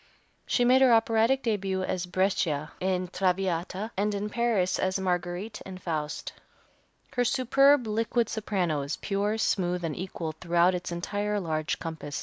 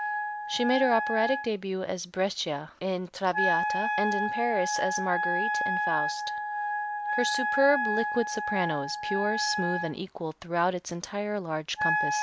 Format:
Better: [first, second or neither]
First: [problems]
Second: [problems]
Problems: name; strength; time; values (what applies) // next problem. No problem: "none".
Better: first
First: none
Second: background sound (Wind instrument, woodwind instrument); 1 dB below the speech